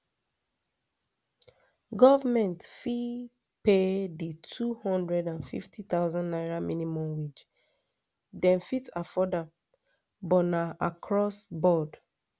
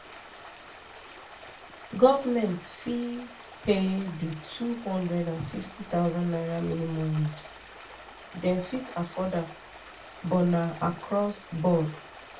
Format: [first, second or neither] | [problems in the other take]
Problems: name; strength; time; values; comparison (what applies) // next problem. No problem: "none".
first | background sound (Stream); 17 dB below the speech // room echo; dies away in 0.2 s